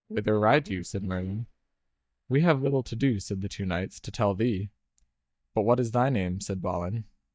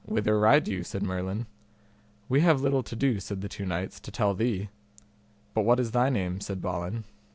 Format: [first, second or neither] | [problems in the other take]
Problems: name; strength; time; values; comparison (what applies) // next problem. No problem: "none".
second | noise reduction (neural mask model DeepFilterNet 3)